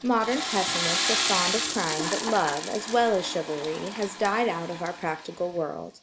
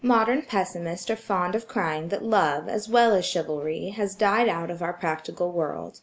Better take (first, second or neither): second